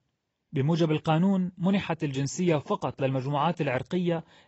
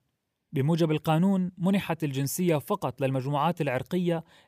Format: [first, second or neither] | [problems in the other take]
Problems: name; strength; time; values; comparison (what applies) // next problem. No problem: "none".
second | garbled, watery; badly; nothing above 7.5 kHz